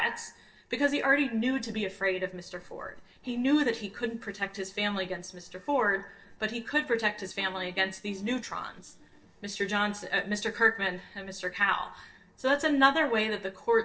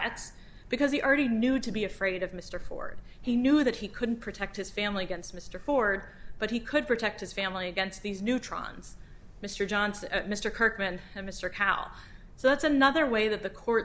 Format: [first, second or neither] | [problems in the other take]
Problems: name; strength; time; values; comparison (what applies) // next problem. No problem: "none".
second | noise reduction (neural separator model SepFormer DNS4)